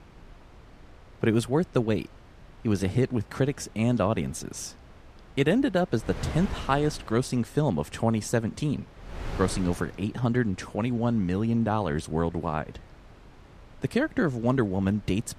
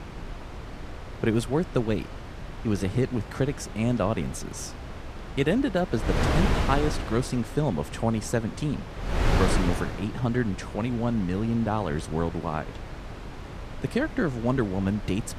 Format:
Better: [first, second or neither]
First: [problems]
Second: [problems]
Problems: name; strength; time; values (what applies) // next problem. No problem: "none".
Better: first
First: wind noise on the microphone; occasional gusts; 20 dB below the speech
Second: wind noise on the microphone; heavy; 6 dB below the speech